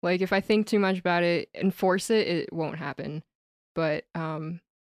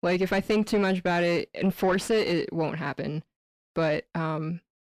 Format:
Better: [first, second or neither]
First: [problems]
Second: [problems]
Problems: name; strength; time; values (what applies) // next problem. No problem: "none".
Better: first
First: none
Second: distortion; slight; 10 dB below the speech